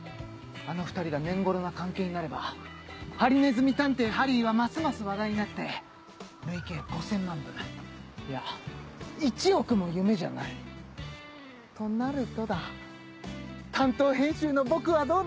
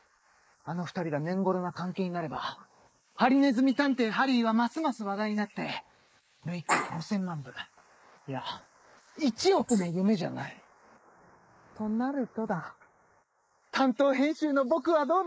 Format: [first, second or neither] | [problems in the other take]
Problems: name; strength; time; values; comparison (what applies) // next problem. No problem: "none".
first | noise reduction (neural mask model Resemble Enhance denoiser)